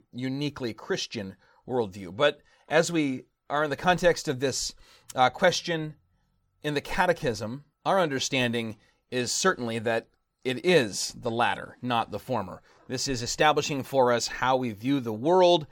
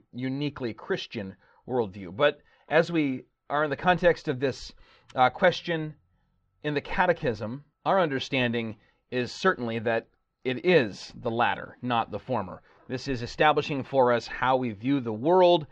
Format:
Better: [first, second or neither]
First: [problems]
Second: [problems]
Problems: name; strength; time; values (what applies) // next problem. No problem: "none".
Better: first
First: none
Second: muffled; slightly; fading above 3.5 kHz